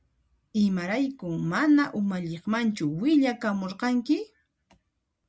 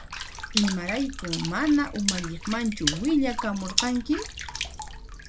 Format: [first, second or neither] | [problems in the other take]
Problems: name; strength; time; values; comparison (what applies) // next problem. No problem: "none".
first | background sound (Water / Splash, splatter); 5 dB below the speech